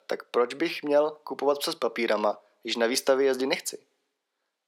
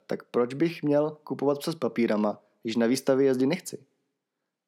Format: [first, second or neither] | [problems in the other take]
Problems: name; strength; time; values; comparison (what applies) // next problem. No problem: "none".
second | thin; somewhat; fading below 500 Hz